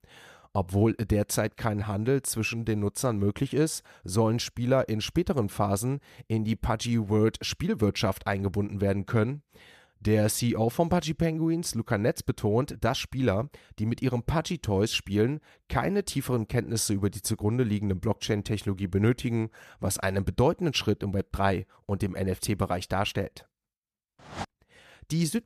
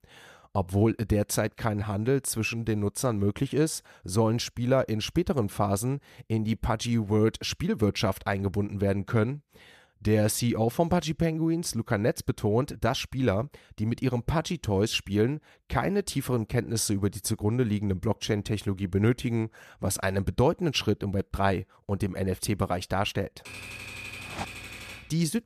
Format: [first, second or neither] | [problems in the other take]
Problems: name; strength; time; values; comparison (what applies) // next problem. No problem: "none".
first | keyboard typing; noticeable; from 23 s on; peak 10 dB below the speech